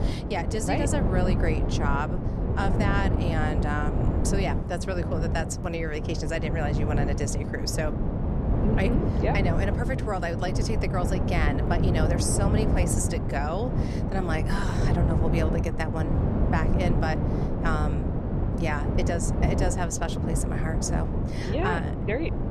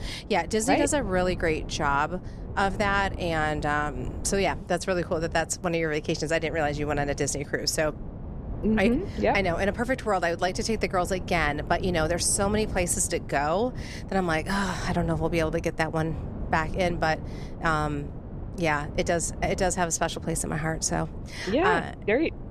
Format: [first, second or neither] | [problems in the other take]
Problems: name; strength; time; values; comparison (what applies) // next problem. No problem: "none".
second | wind noise on the microphone; heavy; 3 dB below the speech; occasional gusts in the second